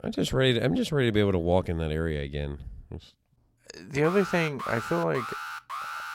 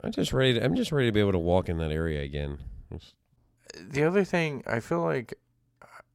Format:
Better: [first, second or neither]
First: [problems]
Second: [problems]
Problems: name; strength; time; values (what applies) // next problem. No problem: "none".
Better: second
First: alarm; noticeable; from 4 s on; peak 8 dB below the speech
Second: none